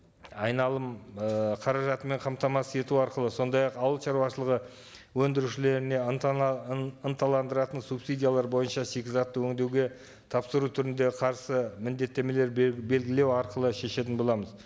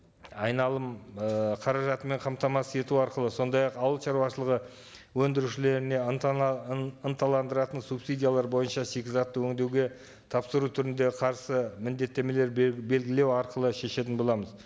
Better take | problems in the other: second | background sound (Bowed string instrument); 20 dB below the speech

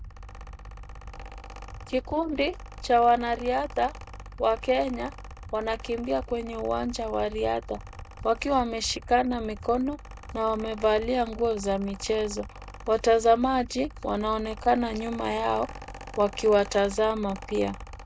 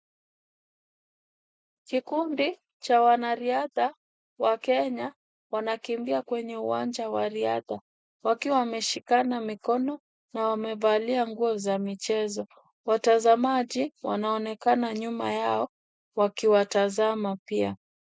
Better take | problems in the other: second | background sound (Mechanical fan); 14 dB below the speech

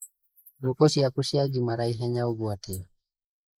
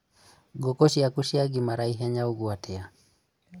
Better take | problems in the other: second | noise reduction (neural mask model Resemble Enhance denoiser)

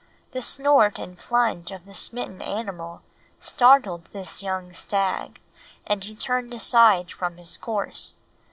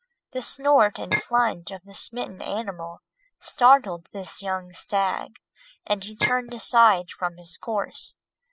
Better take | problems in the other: first | noise reduction (classical method spectral subtraction)

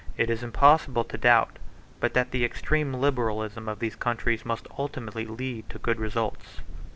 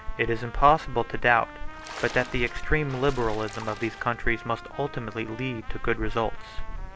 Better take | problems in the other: first | background sound (Splash, splatter + Trumpet); 16 dB below the speech

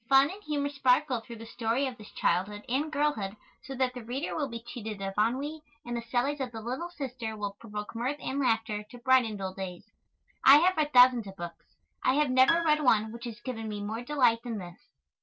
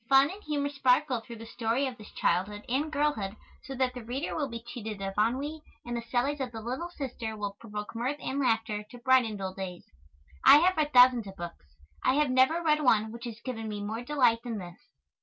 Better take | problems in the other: second | noise reduction (neural separator model SepFormer DNS4)

